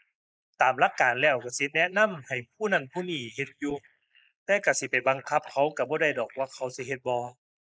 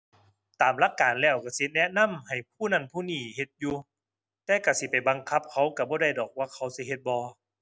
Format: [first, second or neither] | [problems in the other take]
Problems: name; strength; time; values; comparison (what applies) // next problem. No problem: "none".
second | noise reduction (neural mask model Resemble Enhance denoiser)